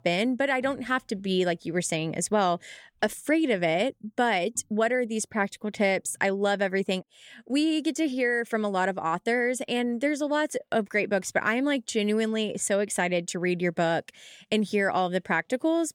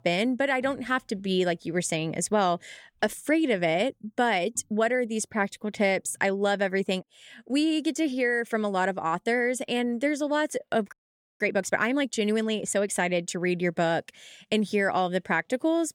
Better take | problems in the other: first | audio freezing; at 11 s

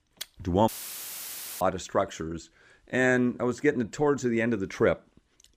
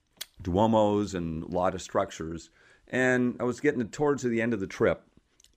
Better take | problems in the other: second | audio cutting out; filled with static; at 0.5 s for 1 s

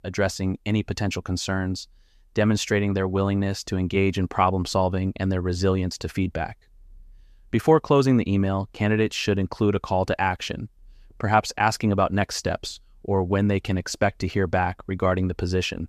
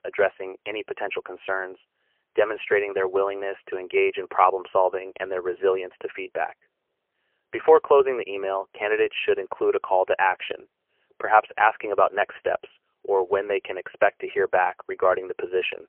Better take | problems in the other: first | phone-call audio; poor line; nothing above 3 kHz

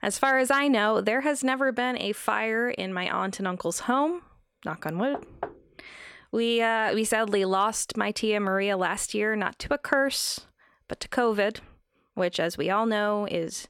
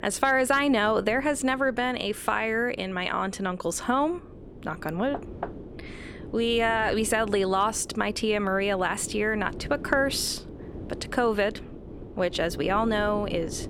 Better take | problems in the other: first | wind noise on the microphone; occasional gusts; 20 dB below the speech

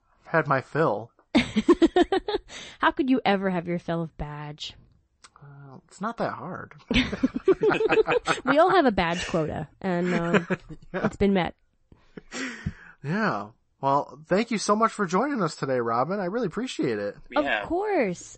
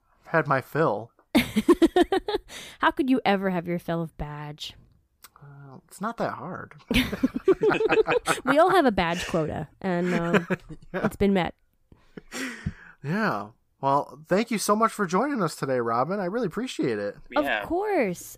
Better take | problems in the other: second | garbled, watery; slightly; nothing above 8 kHz

